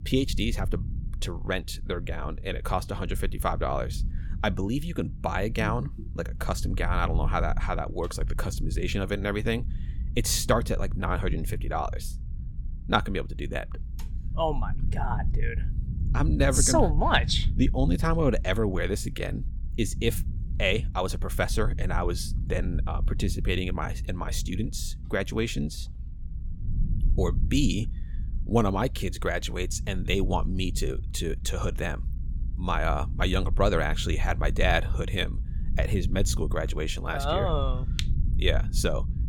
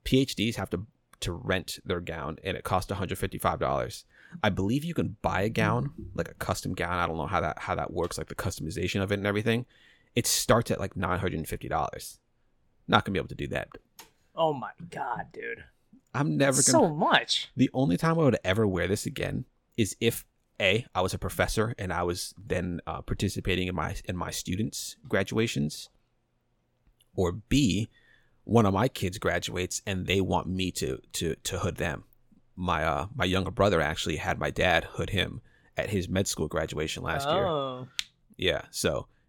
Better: second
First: low rumble; noticeable; throughout; 20 dB below the speech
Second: none

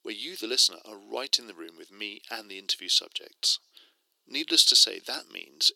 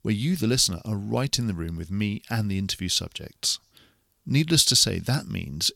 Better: second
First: thin; very; fading below 350 Hz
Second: none

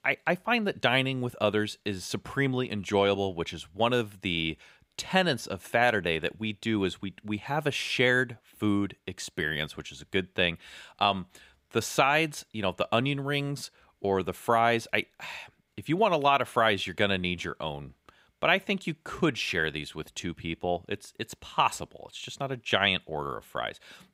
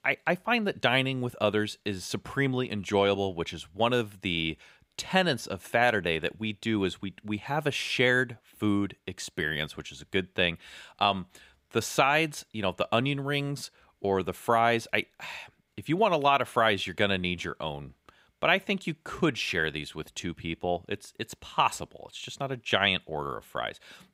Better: neither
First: none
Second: none

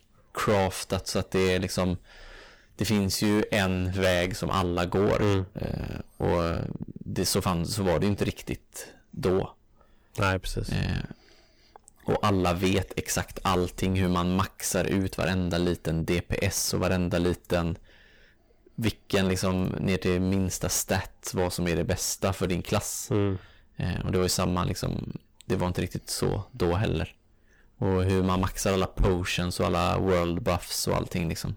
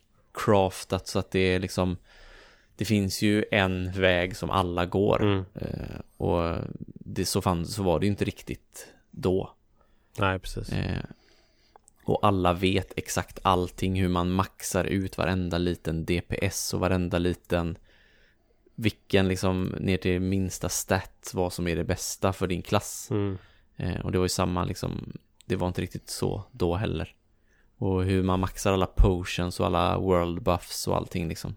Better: second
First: distortion; heavy; 11% of the sound clipped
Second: none

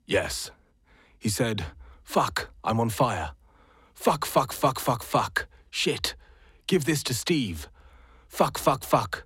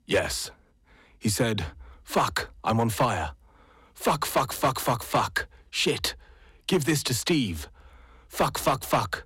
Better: first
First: none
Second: distortion; slight; 3% of the sound clipped

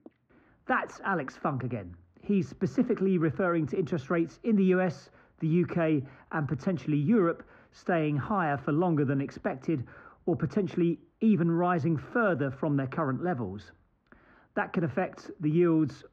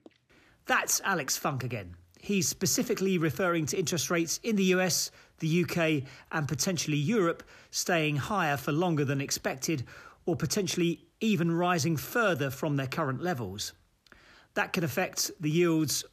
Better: second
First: muffled; very; fading above 1.5 kHz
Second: none

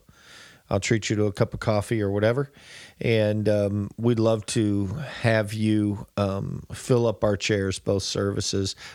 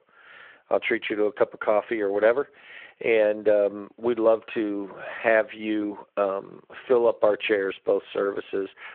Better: first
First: none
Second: phone-call audio

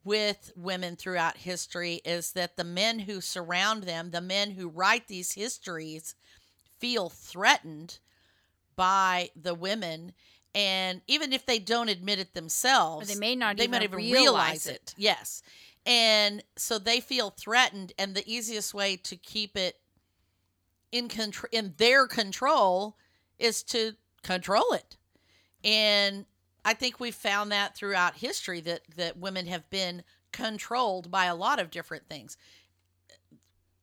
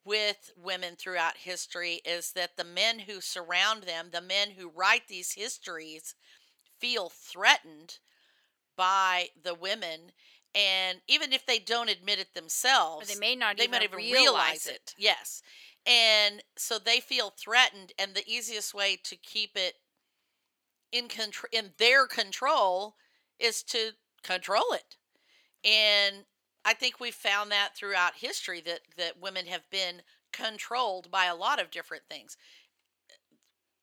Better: first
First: none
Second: thin; somewhat; fading below 400 Hz

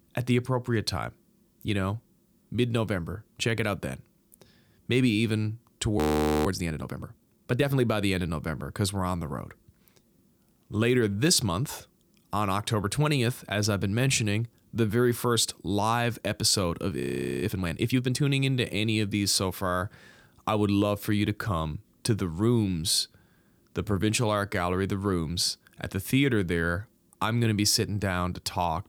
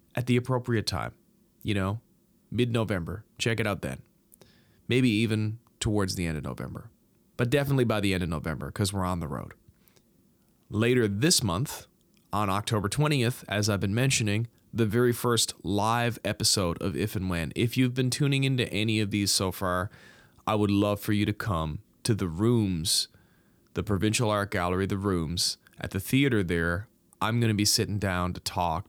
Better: second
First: audio freezing; at 6 s and at 17 s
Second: none

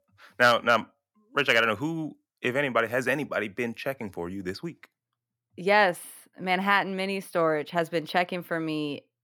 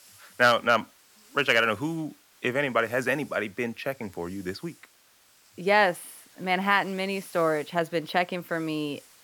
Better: first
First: none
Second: hiss; faint; throughout; 25 dB below the speech

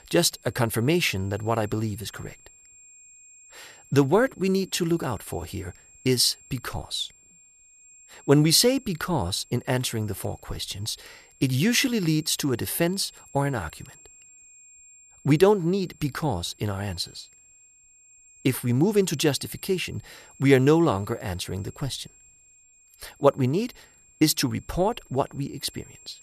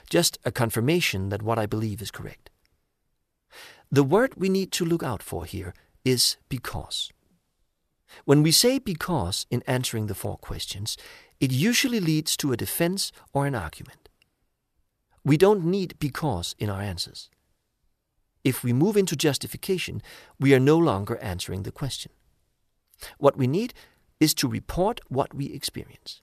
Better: second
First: high-pitched whine; faint; throughout; 7.5 kHz, 25 dB below the speech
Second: none

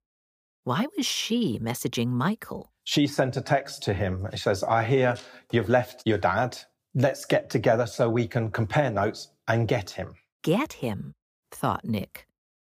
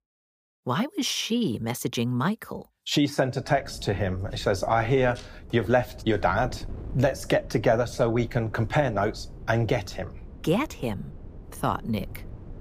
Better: first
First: none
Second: wind noise on the microphone; occasional gusts; from 3.5 s on; 25 dB below the speech

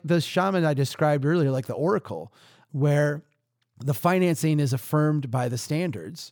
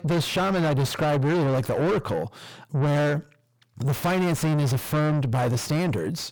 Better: first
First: none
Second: distortion; heavy; 5 dB below the speech

